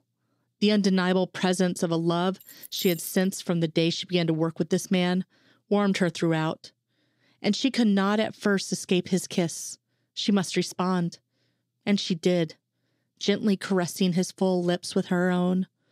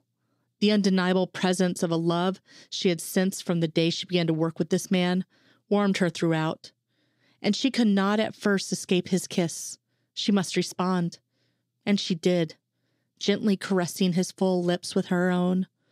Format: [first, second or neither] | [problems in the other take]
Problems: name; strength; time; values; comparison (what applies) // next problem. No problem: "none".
second | jangling keys; faint; at 2.5 s; peak 10 dB below the speech